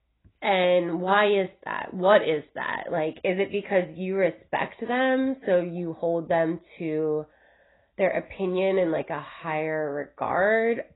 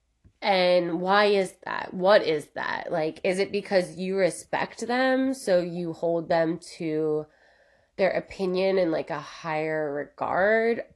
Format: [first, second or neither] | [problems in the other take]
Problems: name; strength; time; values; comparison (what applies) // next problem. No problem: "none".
second | garbled, watery; badly; nothing above 4 kHz; slightly in the second